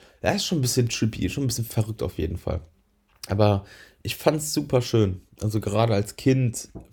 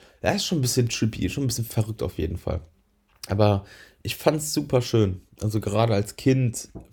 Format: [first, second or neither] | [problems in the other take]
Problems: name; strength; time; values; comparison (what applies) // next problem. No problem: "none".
neither | none